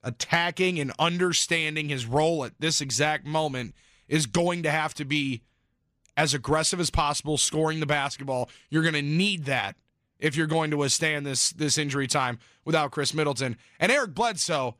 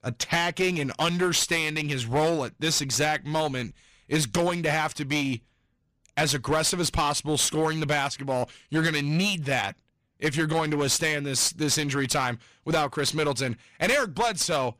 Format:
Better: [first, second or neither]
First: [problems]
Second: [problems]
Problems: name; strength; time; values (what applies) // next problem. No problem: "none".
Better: first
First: none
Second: distortion; slight; 9% of the sound clipped